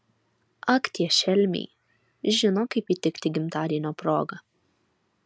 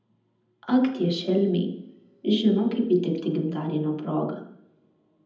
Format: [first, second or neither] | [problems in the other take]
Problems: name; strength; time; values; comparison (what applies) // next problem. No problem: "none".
first | room echo; dies away in 0.8 s